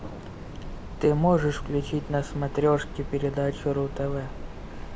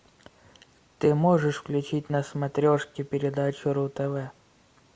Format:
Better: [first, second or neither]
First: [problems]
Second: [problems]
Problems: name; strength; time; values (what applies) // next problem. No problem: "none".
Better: second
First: background sound (Train); 9 dB below the speech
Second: none